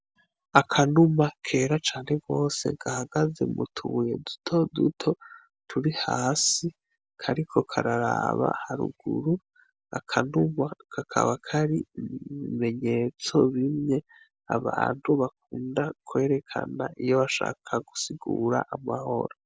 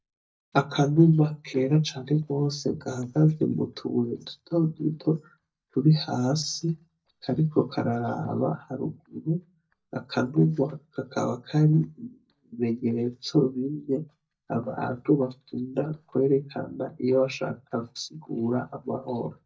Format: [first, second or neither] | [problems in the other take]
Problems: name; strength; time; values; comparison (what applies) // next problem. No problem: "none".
first | noise reduction (neural mask model DeepFilterNet 3)